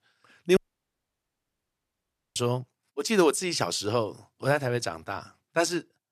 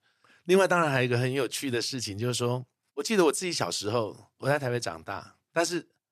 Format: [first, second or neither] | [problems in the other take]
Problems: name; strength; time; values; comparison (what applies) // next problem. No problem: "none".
second | audio cutting out; at 0.5 s for 2 s